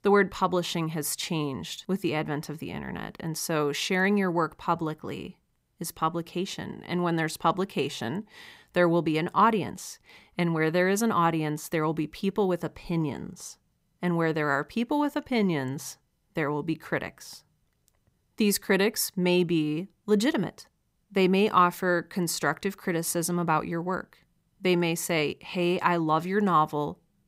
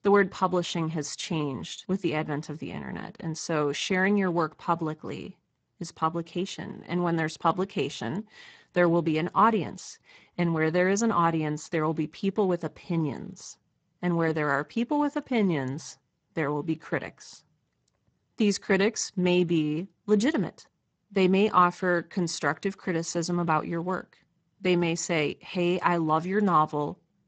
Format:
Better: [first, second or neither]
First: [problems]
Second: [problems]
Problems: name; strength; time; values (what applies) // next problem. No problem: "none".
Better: first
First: none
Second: garbled, watery; badly; nothing above 7.5 kHz